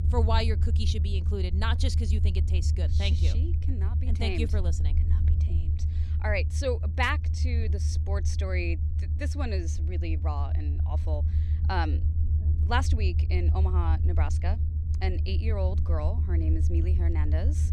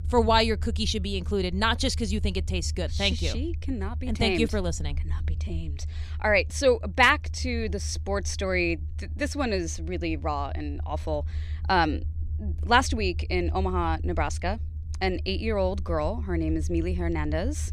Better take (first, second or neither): second